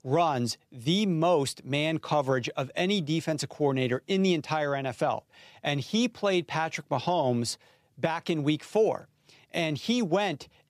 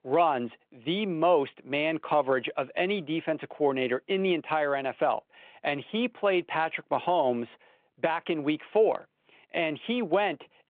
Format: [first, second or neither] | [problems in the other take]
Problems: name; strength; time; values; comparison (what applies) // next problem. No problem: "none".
first | phone-call audio